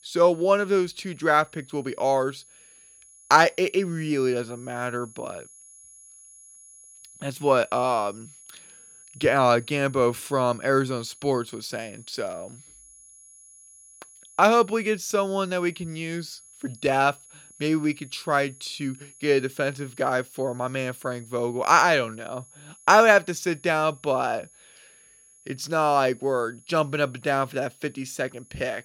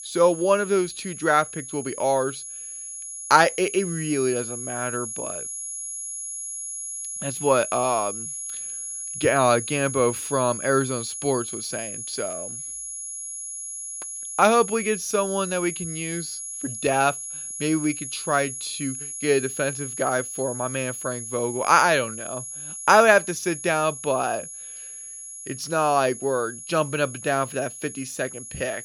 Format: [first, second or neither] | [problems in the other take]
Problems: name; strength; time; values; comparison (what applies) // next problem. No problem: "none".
first | high-pitched whine; loud; throughout; 11 kHz, 8 dB below the speech; faint in the first